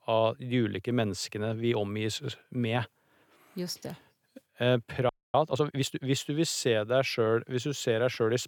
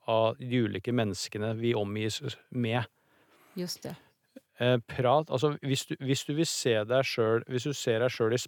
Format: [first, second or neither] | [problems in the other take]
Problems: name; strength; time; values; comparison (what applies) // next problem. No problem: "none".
second | audio freezing; at 5 s